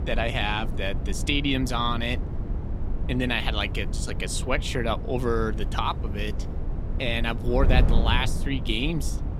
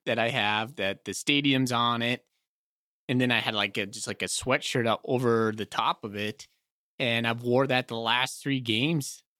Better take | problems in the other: second | wind noise on the microphone; occasional gusts; 15 dB below the speech

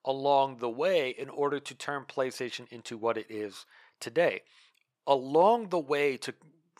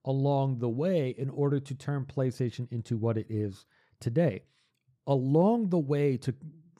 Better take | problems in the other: second | thin; very; fading below 600 Hz

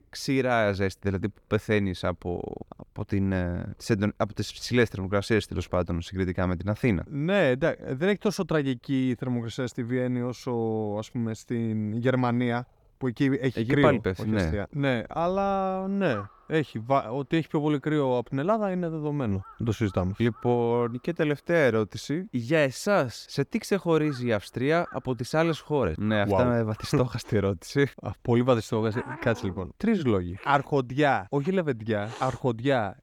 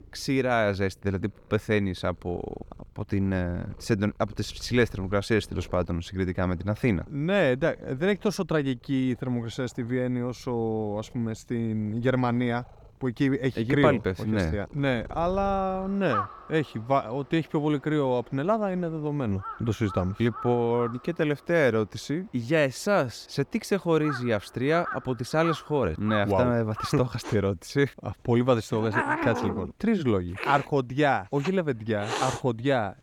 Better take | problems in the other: first | animal sounds; loud; throughout; 9 dB below the speech; faint in the first

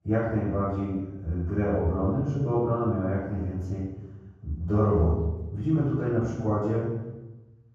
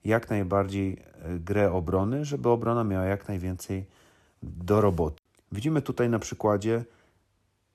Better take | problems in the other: second | room echo; strong; dies away in 1.3 s // off-mic speech; far

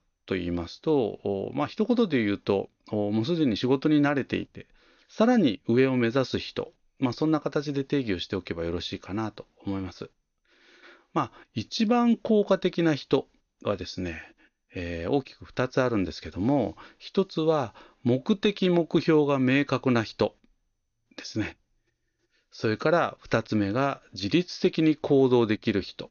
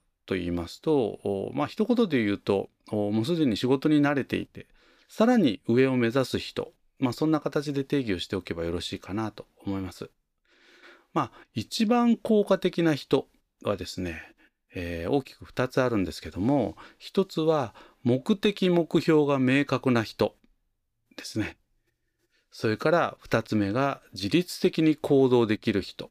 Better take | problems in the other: second | garbled, watery; slightly; nothing above 6.5 kHz

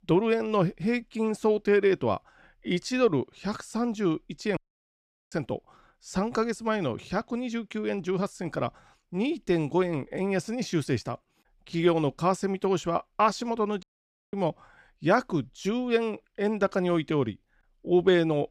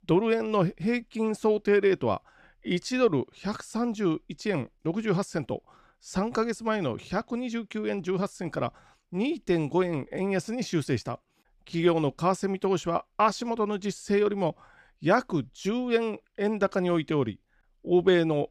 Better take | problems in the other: second | audio cutting out; at 4.5 s for 1 s and at 14 s for 0.5 s

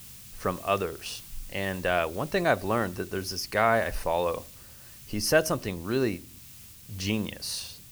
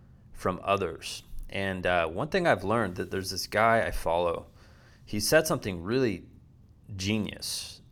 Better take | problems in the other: second | hiss; noticeable; throughout; 15 dB below the speech

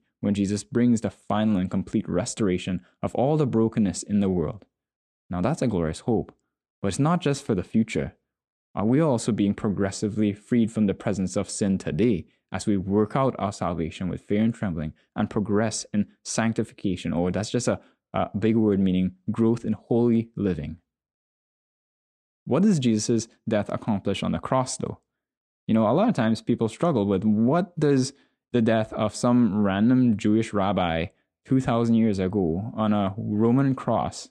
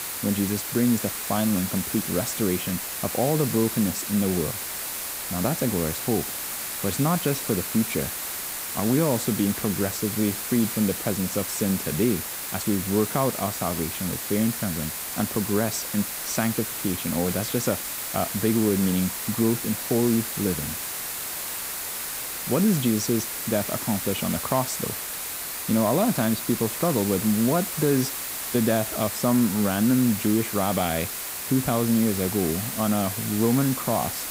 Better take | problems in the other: first | hiss; loud; throughout; 4 dB below the speech

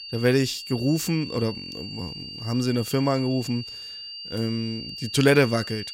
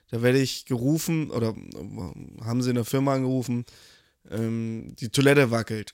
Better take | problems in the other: second | high-pitched whine; noticeable; throughout; 4.5 kHz, 10 dB below the speech

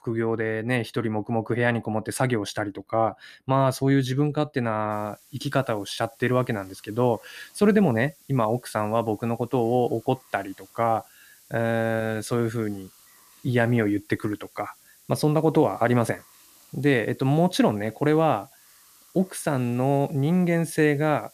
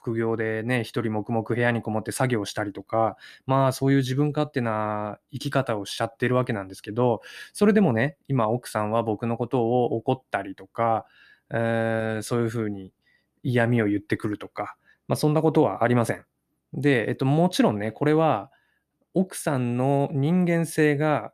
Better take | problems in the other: second | hiss; faint; from 5 s on; 25 dB below the speech

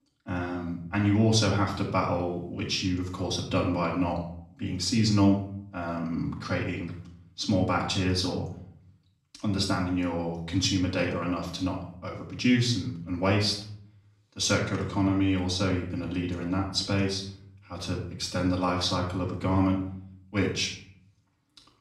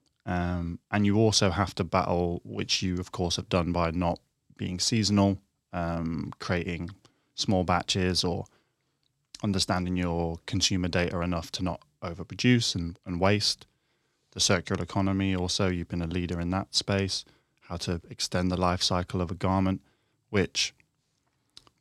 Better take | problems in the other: second | off-mic speech; far // room echo; slight; dies away in 0.5 s

